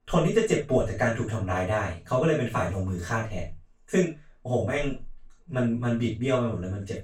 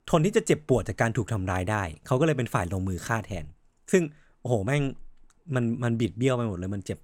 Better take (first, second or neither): second